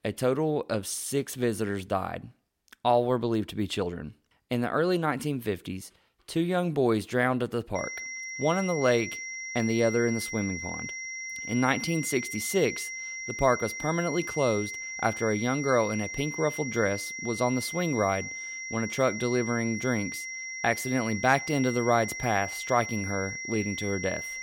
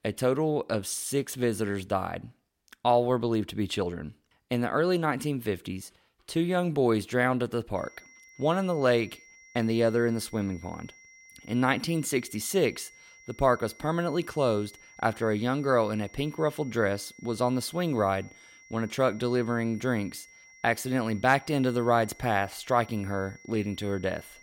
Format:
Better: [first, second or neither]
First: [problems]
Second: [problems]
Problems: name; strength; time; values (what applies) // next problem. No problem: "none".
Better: second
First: high-pitched whine; loud; from 8 s on; 2 kHz, 6 dB below the speech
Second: high-pitched whine; faint; from 8 s on; 2 kHz, 25 dB below the speech